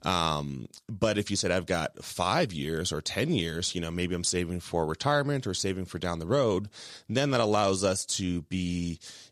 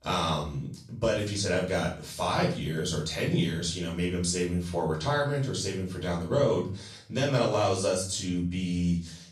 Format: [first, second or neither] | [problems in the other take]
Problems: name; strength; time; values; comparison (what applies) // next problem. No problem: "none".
first | off-mic speech; far // room echo; slight; dies away in 0.4 s